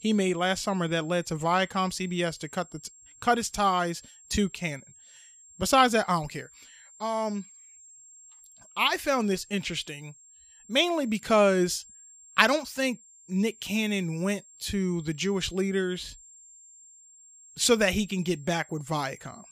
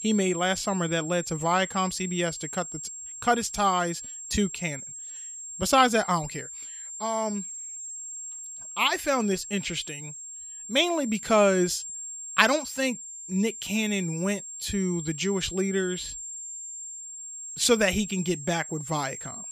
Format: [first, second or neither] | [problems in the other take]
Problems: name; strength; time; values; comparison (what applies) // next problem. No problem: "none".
first | high-pitched whine; loud; throughout; 7.5 kHz, 10 dB below the speech; faint in the first